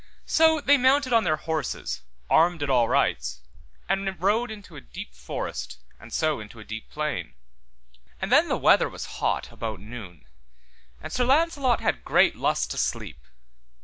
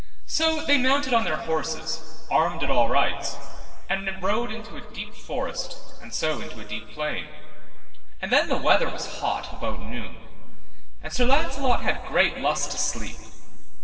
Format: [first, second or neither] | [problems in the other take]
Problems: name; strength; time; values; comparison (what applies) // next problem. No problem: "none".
first | room echo; dies away in 2.1 s